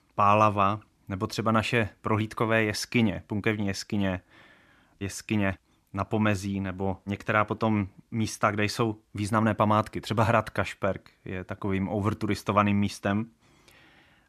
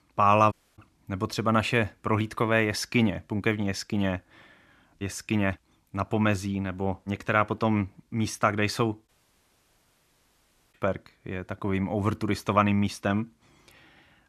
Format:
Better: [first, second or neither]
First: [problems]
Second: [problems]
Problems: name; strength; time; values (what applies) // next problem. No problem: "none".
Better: first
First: none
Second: audio cutting out; at 0.5 s and at 9 s for 1.5 s